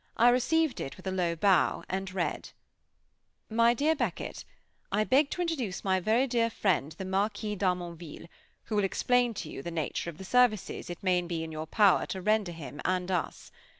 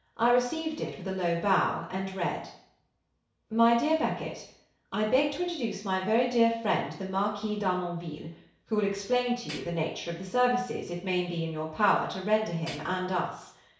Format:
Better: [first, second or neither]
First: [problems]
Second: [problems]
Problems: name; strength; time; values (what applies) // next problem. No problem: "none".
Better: first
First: none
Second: background sound (Tools); 14 dB below the speech // room echo; dies away in 0.6 s